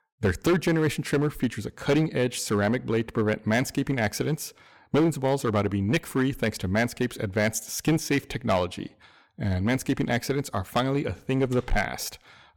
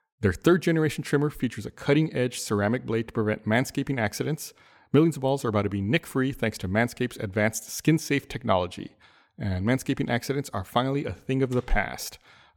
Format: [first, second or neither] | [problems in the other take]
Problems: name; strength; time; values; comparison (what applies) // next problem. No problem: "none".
second | distortion; slight; 6% of the sound clipped